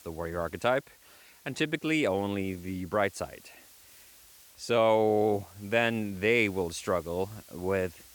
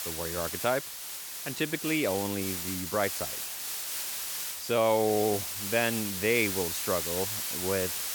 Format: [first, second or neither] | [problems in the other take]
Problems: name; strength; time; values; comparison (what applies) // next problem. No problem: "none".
first | hiss; loud; throughout; 2 dB below the speech; faint in the first